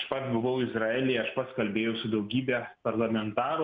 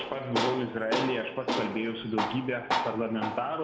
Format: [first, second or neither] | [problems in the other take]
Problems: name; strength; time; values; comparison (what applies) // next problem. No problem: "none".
first | background sound (Tools); 1 dB below the speech // room echo; dies away in 1.1 s